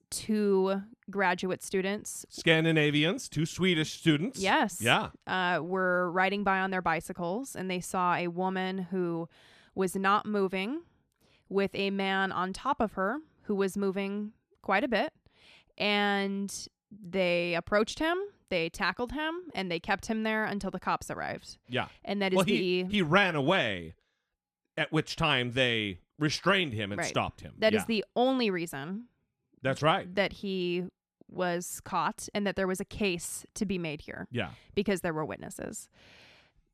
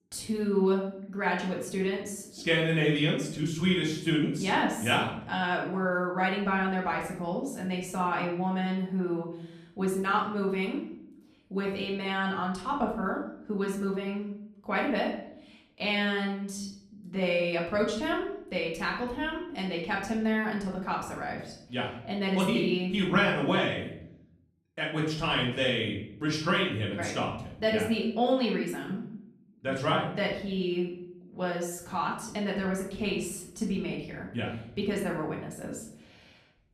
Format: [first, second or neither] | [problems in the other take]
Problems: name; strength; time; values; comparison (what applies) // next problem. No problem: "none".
first | off-mic speech; far // room echo; noticeable; dies away in 0.6 s